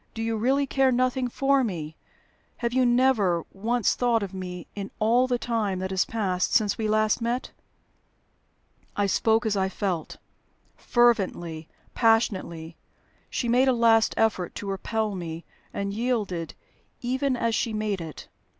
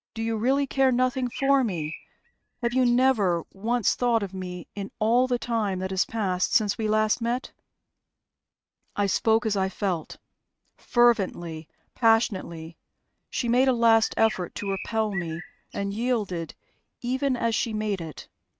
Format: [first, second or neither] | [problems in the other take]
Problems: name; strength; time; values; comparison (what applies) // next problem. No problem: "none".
first | noise reduction (neural mask model RNNoise)